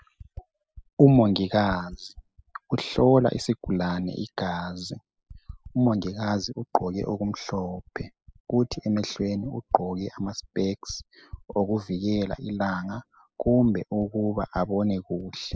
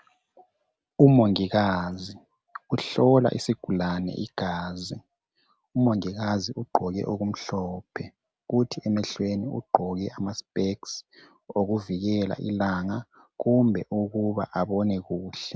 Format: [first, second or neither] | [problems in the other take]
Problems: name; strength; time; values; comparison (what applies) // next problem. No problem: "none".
second | noise reduction (classical method spectral subtraction)